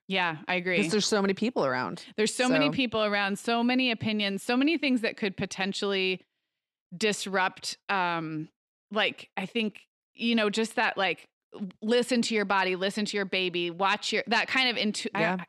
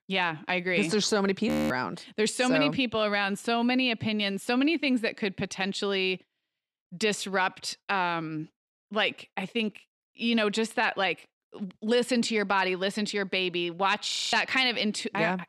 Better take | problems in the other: first | audio freezing; at 1.5 s and at 14 s

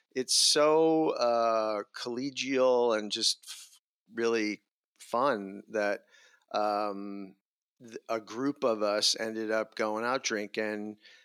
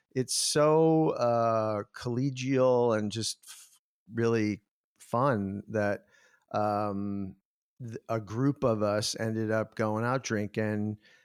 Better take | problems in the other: second | thin; very slightly; fading below 250 Hz

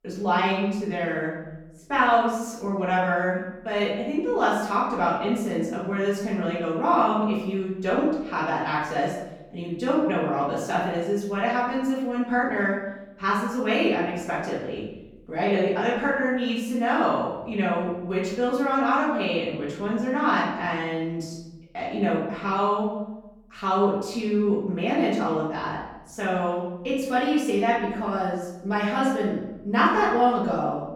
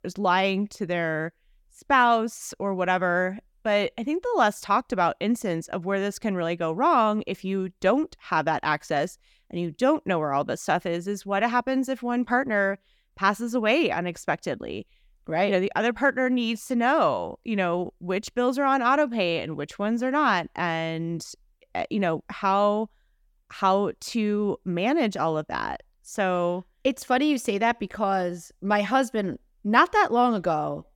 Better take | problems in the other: second | off-mic speech; far // room echo; noticeable; dies away in 0.9 s

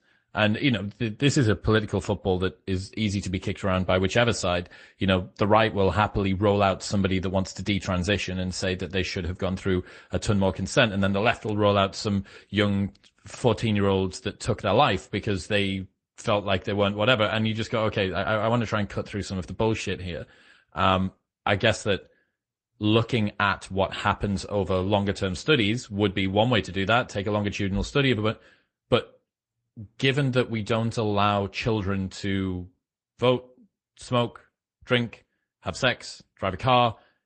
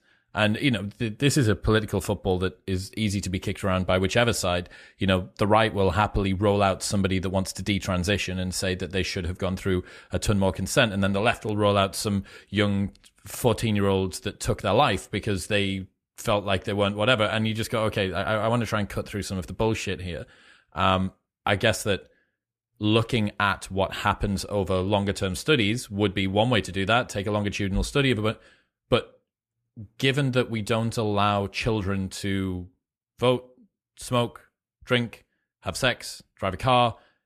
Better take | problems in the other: second | garbled, watery; slightly; nothing above 8 kHz

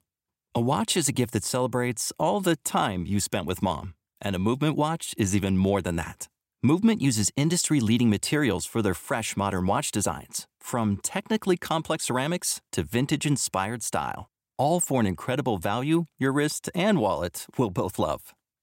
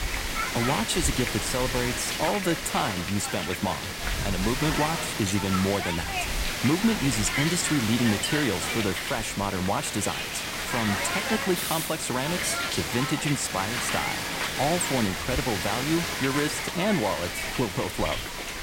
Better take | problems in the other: first | hiss; loud; throughout; 1 dB below the speech

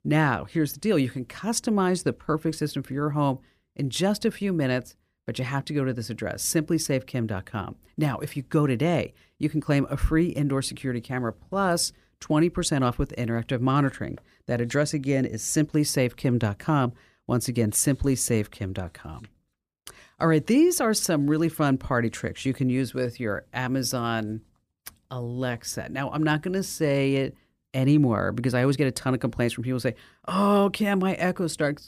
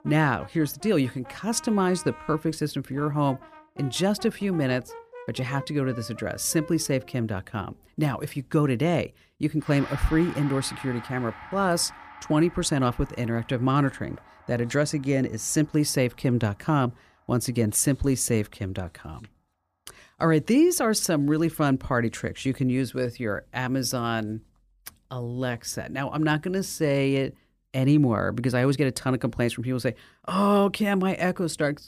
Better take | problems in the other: first | background music; noticeable; throughout; 20 dB below the speech

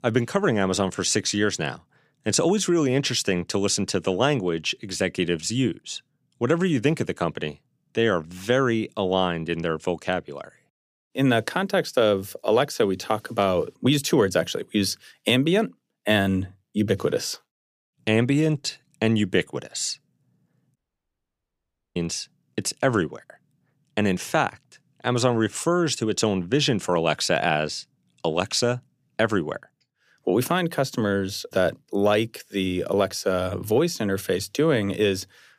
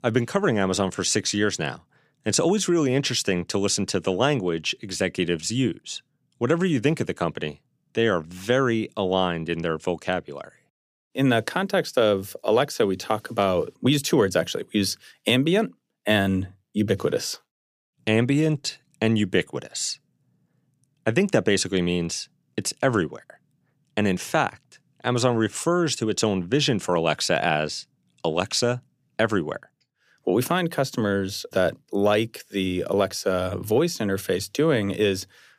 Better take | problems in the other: second | audio cutting out; at 21 s for 1 s

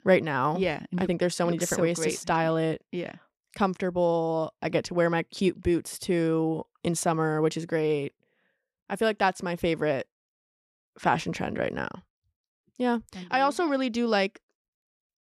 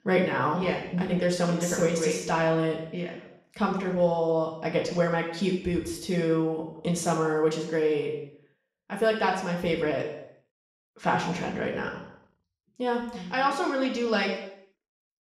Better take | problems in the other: first | room echo; noticeable; dies away in 0.7 s // off-mic speech; far

